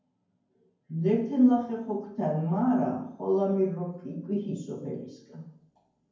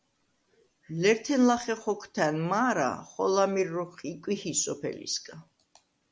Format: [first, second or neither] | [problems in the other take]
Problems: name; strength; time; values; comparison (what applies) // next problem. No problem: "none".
second | room echo; dies away in 0.9 s